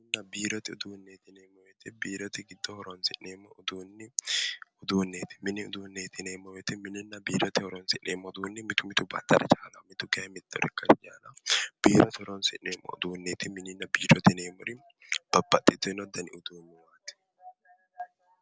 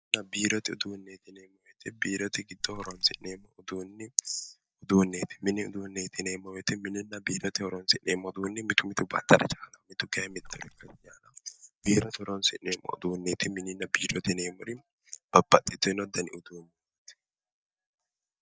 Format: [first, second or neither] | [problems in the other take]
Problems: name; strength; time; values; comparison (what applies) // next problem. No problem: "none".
first | noise reduction (neural mask model DeepFilterNet 3)